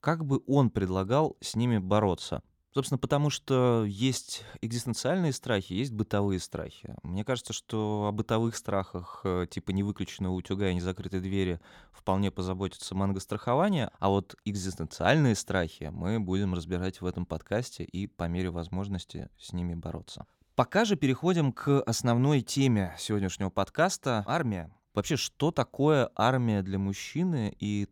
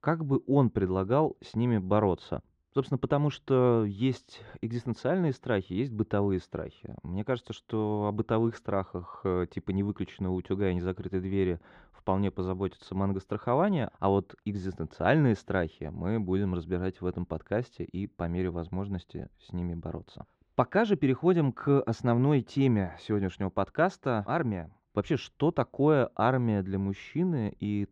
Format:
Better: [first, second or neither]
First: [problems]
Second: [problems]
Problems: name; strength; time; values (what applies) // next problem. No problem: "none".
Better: first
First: none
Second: muffled; very; fading above 2.5 kHz